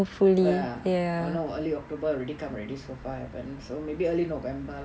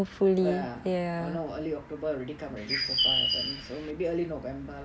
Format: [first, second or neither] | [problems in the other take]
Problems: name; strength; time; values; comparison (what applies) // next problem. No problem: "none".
first | background sound (Bird); 2 dB above the speech